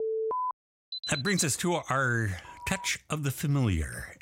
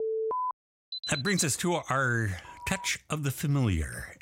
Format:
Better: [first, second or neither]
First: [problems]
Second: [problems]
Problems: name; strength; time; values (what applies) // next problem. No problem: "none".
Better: neither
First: alarm; noticeable; at the start and at 1 s; peak 1 dB below the speech // phone ringing; faint; at 2.5 s; peak 15 dB below the speech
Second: alarm; noticeable; at the start and at 1 s; peak 1 dB below the speech // phone ringing; faint; at 2.5 s; peak 15 dB below the speech